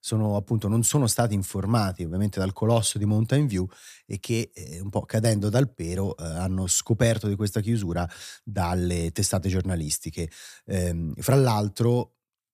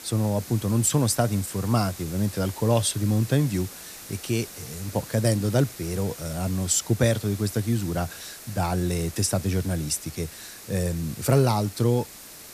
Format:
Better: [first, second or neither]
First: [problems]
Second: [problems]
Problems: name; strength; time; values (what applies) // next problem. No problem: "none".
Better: first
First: none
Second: hiss; noticeable; throughout; 15 dB below the speech